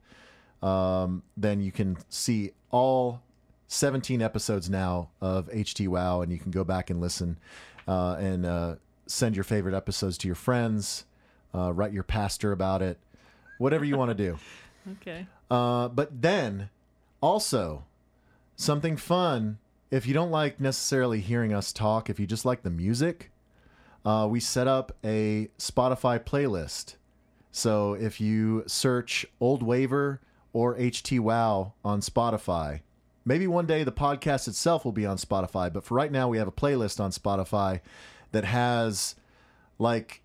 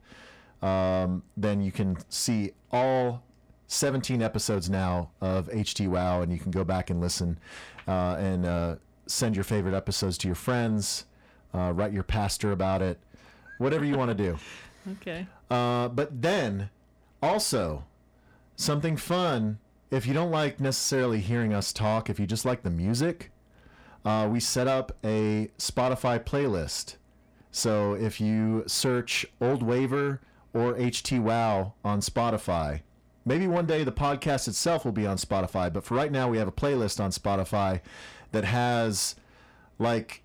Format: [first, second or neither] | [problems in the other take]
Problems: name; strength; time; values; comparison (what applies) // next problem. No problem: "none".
first | distortion; slight; 10 dB below the speech